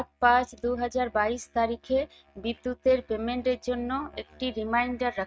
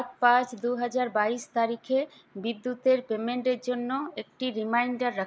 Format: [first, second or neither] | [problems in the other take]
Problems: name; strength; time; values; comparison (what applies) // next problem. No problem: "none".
second | noise reduction (neural mask model RNNoise)